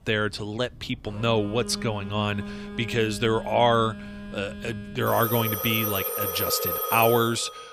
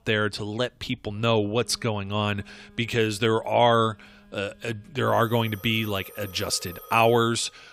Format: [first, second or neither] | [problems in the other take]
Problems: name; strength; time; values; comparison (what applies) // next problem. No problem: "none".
second | alarms or sirens; loud; throughout; 5 dB below the speech; faint in the second